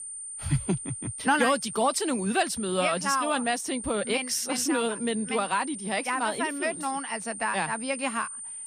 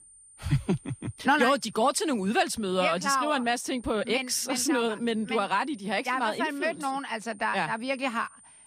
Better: second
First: high-pitched whine; loud; throughout; 9 kHz, 8 dB below the speech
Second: high-pitched whine; faint; throughout; 9 kHz, 25 dB below the speech

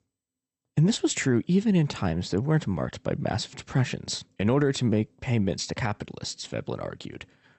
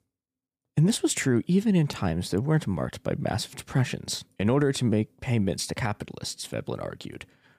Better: second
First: garbled, watery; slightly; nothing above 8 kHz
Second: none

